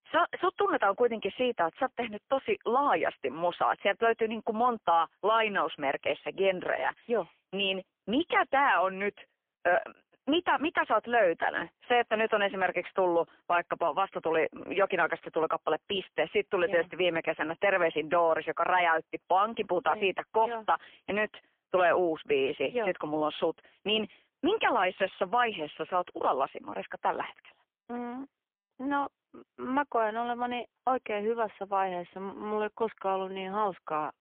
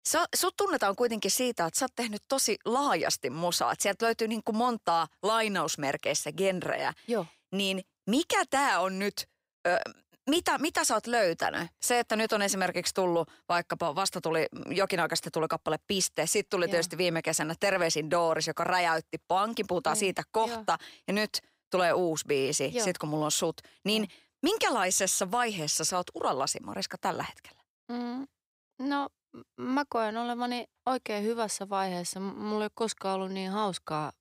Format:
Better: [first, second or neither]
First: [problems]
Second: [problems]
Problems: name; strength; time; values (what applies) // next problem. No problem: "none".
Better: second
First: phone-call audio; poor line; nothing above 3 kHz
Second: none